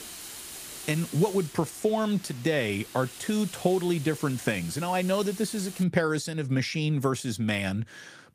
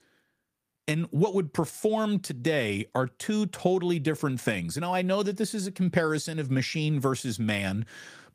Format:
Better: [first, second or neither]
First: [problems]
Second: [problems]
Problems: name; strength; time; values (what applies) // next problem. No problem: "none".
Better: second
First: hiss; noticeable; until 6 s; 15 dB below the speech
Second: none